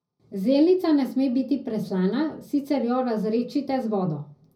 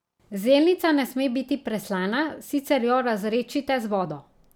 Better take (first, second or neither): second